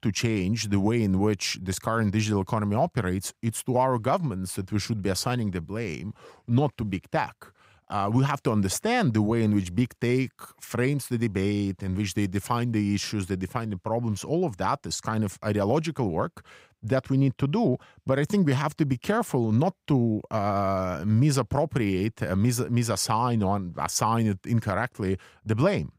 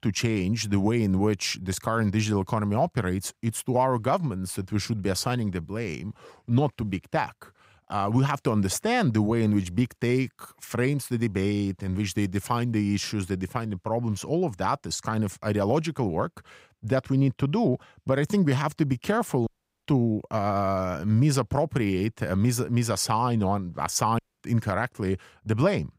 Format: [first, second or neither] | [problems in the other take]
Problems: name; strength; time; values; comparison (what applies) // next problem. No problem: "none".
first | audio cutting out; at 19 s and at 24 s